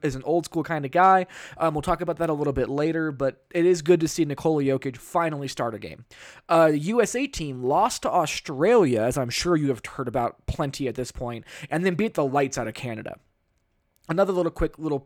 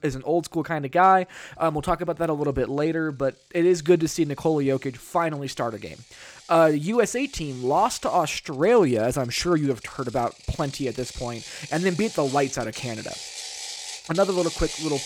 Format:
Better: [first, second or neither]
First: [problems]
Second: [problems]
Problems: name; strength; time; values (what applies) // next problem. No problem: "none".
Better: first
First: none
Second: machinery noise; noticeable; throughout; 15 dB below the speech